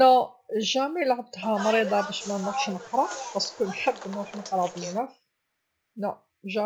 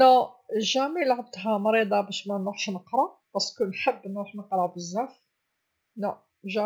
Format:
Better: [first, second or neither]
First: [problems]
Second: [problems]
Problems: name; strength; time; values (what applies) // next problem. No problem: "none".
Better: second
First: background sound (Bus); 10 dB below the speech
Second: none